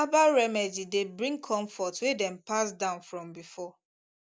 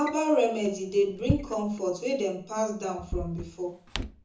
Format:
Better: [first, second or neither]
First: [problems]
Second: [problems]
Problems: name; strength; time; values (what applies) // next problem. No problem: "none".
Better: first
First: none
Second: background sound (Drawer open or close); 9 dB below the speech // room echo; dies away in 0.5 s